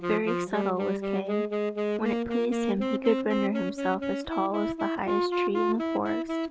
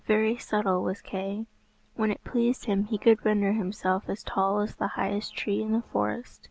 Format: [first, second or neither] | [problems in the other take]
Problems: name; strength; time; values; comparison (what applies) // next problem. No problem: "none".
second | background sound (Wind instrument, woodwind instrument); 1 dB above the speech